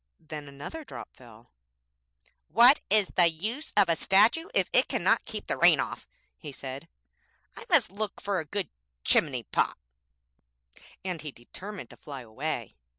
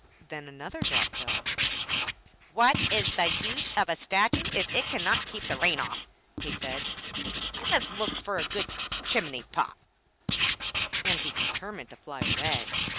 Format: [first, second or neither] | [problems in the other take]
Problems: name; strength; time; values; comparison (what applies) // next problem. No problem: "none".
first | background sound (Writing); as loud as the speech